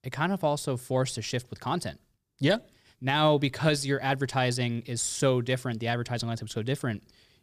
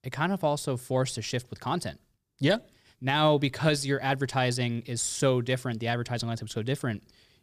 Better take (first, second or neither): neither